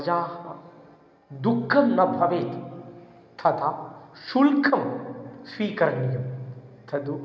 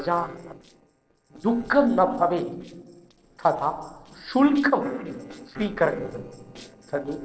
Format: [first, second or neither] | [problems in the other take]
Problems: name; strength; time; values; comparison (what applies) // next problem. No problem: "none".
first | noise reduction (neural separator model SepFormer DNS4)